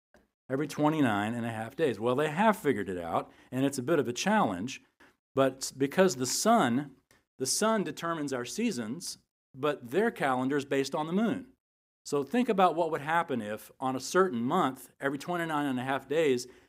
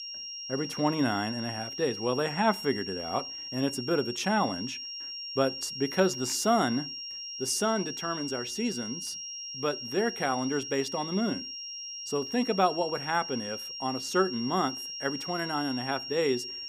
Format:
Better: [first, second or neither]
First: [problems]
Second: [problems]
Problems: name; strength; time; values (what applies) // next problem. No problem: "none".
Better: first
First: none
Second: high-pitched whine; loud; throughout; 5.5 kHz, 6 dB below the speech